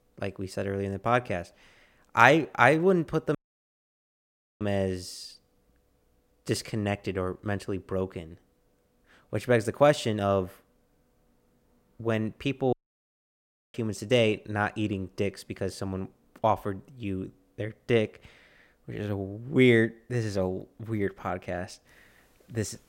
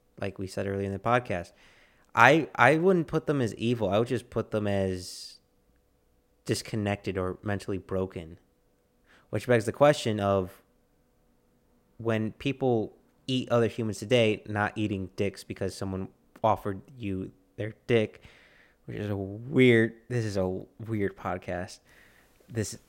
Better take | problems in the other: second | audio cutting out; at 3.5 s for 1.5 s and at 13 s for 1 s

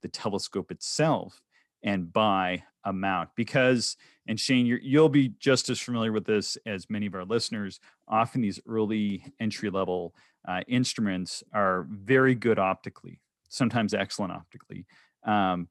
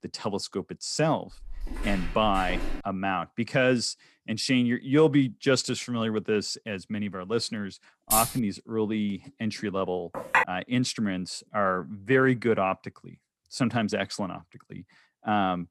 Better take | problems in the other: first | footsteps; noticeable; from 1.5 to 3 s; peak 7 dB below the speech // jangling keys; loud; at 8 s; peak 2 dB above the speech // clattering dishes; loud; at 10 s; peak 3 dB above the speech

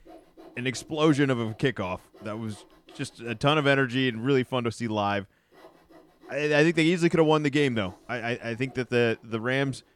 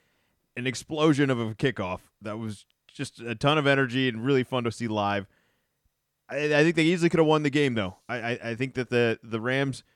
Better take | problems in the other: second | machinery noise; faint; throughout; 30 dB below the speech

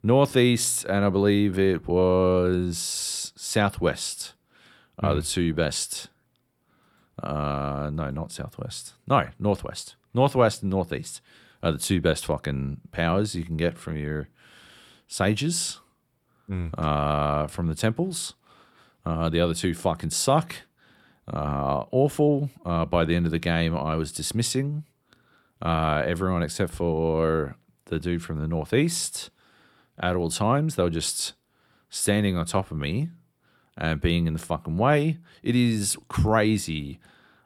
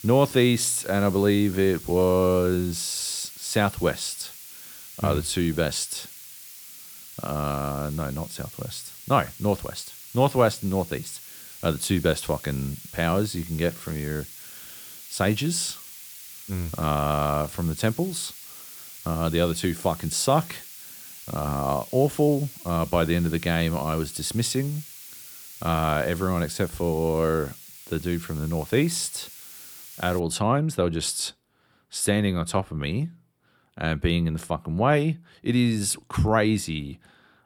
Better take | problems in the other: first | hiss; noticeable; until 30 s; 15 dB below the speech

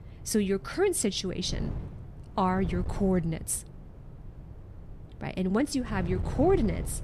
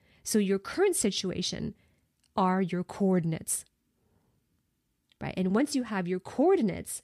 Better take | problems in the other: second | wind noise on the microphone; occasional gusts; 20 dB below the speech

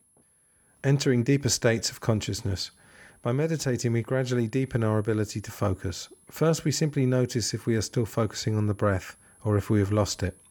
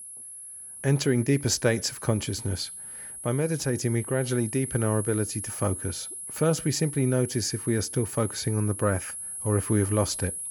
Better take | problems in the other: first | high-pitched whine; loud; throughout; 10.5 kHz, 8 dB below the speech; faint in the first

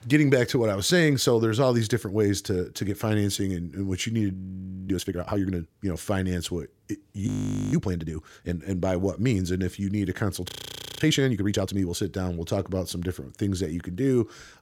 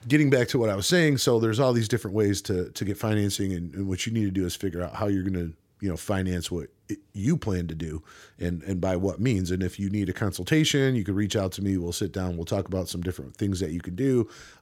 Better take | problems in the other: second | audio freezing; at 4.5 s for 0.5 s, at 7.5 s and at 10 s for 0.5 s

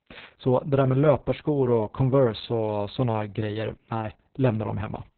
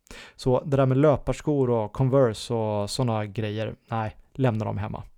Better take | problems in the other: second | garbled, watery; badly; nothing above 4 kHz

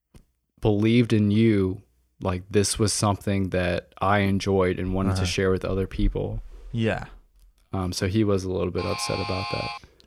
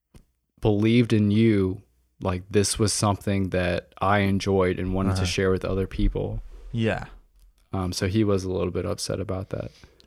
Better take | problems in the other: second | alarm; noticeable; from 9 s on; peak 6 dB below the speech

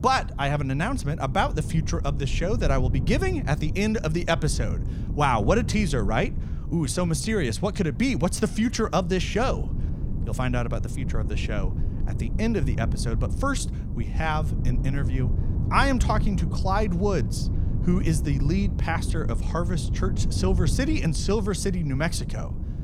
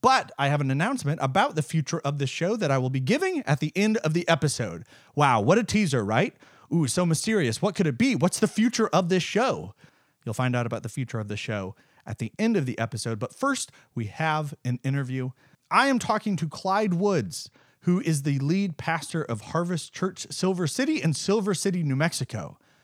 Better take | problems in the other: second | wind noise on the microphone; occasional gusts; 15 dB below the speech

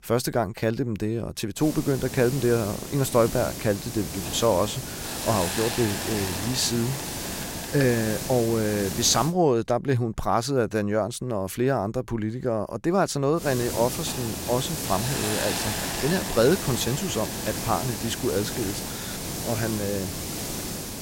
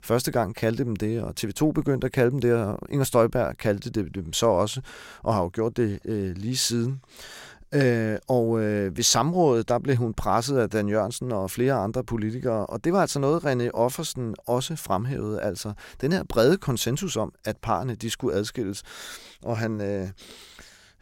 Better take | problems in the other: second | hiss; loud; from 1.5 to 9.5 s and from 13 s on; 5 dB below the speech

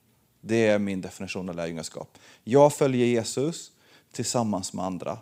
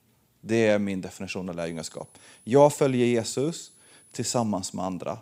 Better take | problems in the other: first | high-pitched whine; faint; from 1.5 to 4.5 s; 10 kHz, 30 dB below the speech

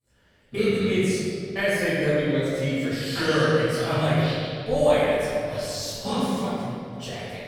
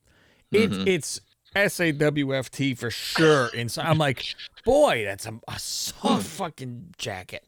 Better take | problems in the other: second | off-mic speech; far // room echo; strong; dies away in 2.3 s

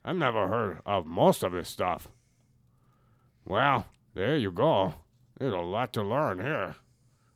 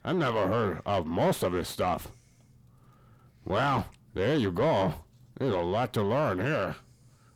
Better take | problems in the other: first | distortion; heavy; 7 dB below the speech

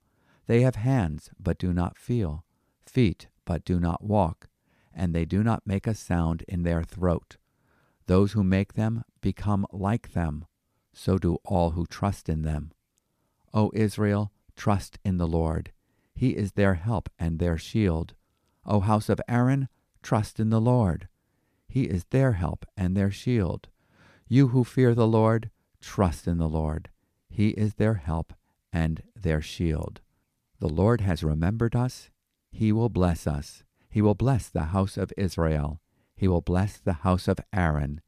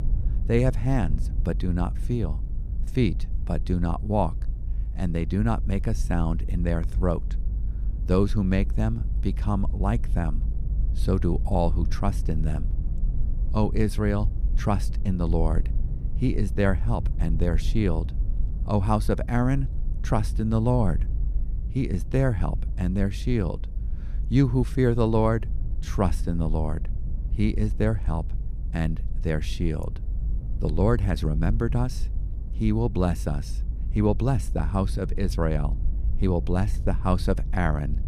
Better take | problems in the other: first | low rumble; noticeable; throughout; 20 dB below the speech

